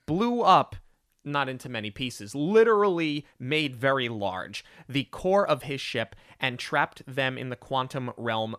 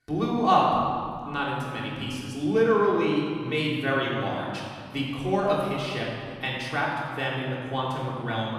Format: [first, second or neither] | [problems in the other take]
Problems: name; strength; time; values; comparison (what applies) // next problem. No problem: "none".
first | room echo; noticeable; dies away in 2 s // off-mic speech; far